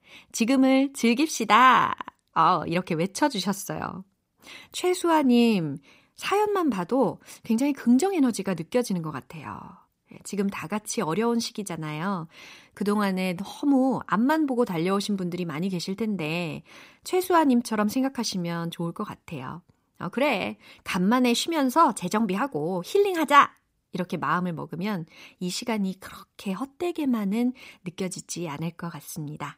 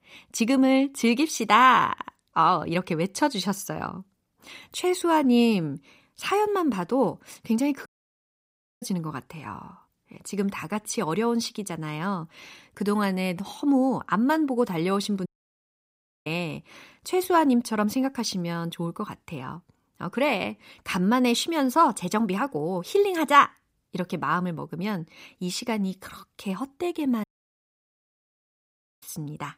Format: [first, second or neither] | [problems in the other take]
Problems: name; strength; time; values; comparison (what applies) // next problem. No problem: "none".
first | audio cutting out; at 8 s for 1 s, at 15 s for 1 s and at 27 s for 2 s